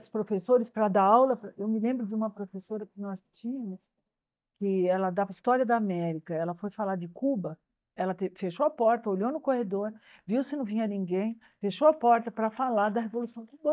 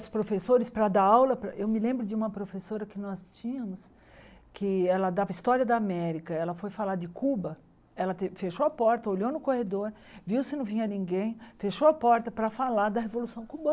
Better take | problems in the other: second | noise reduction (neural mask model DeepFilterNet 3)

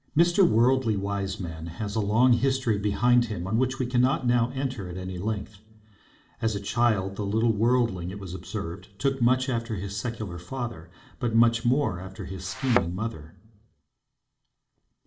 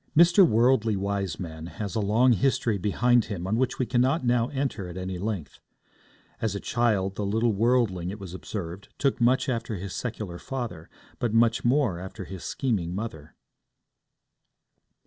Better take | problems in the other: second | background sound (Thump, thud); 5 dB below the speech // room echo; dies away in 0.5 s

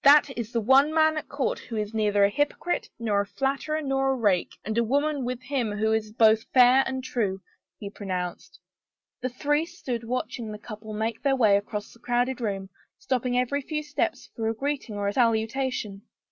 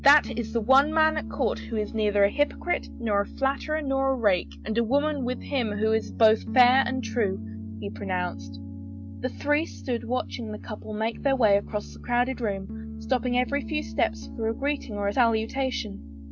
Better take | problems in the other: first | background sound (Piano); 10 dB below the speech

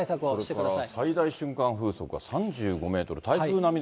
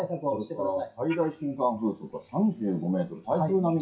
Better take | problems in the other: first | noise reduction (classical method WPE with log-MMSE)

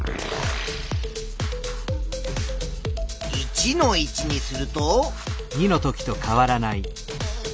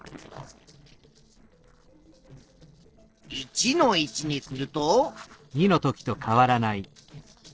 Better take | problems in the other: first | noise reduction (neural separator model SepFormer DNS4)

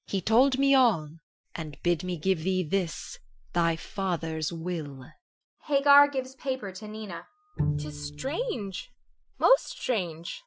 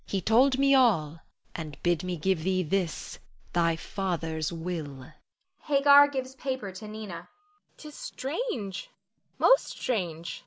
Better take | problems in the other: second | noise reduction (classical method Wiener filter)

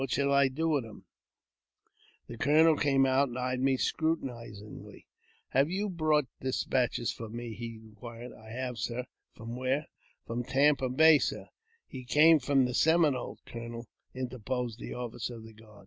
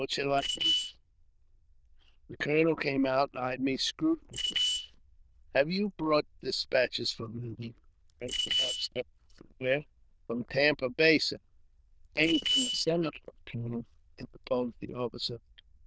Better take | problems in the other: first | noise reduction (neural diffusion model UNIVERSE++)

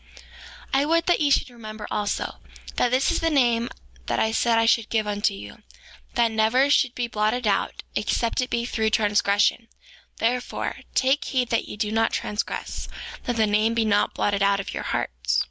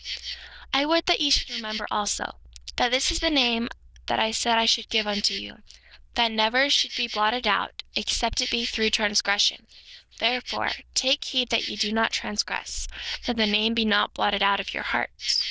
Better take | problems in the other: first | noise reduction (neural diffusion model UNIVERSE++)

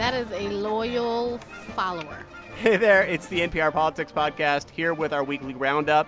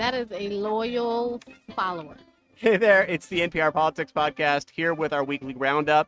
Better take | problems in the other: first | noise reduction (neural mask model RNNoise)

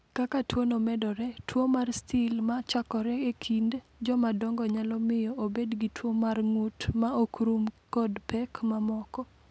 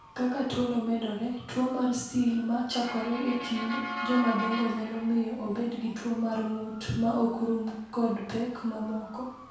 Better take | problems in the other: first | background sound (Motor vehicle (road) / Siren); 12 dB below the speech // room echo; dies away in 0.7 s

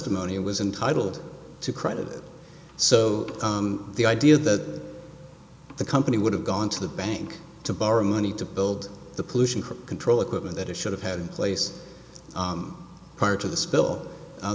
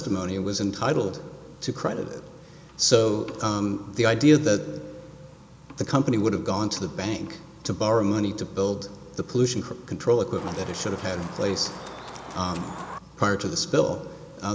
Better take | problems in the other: first | background sound (Chicken, rooster); 13 dB below the speech

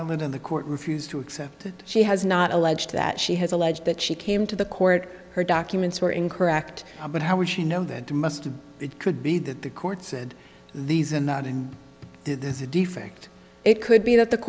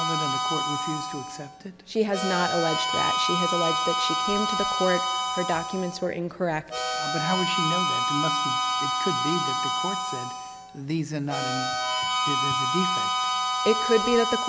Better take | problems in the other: first | background sound (Harmonica); 2 dB above the speech

